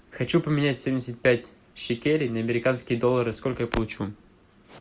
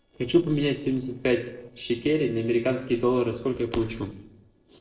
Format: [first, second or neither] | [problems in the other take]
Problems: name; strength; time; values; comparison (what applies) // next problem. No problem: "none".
first | noise reduction (neural separator model SepFormer DNS4)